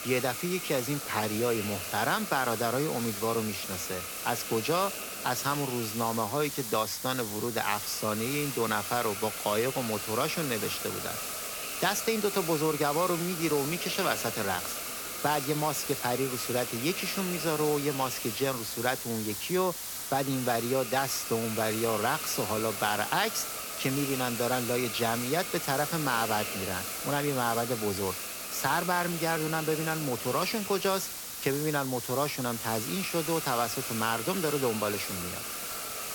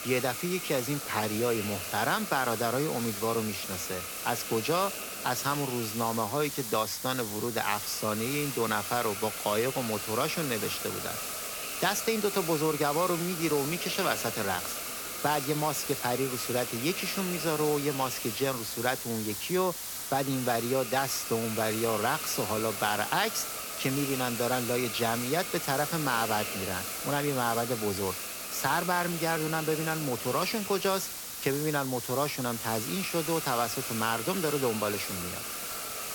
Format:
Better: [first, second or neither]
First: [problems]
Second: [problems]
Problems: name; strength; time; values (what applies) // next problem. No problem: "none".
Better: neither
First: hiss; loud; throughout; 4 dB below the speech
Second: hiss; loud; throughout; 4 dB below the speech